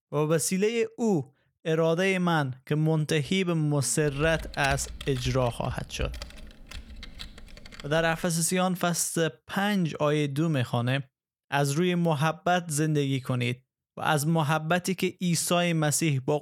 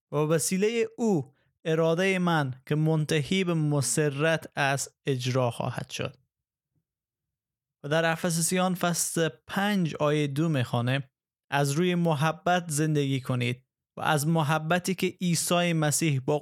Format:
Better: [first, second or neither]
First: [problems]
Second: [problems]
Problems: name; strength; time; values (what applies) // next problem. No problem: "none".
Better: second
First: keyboard typing; faint; from 4 to 8 s; peak 10 dB below the speech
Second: none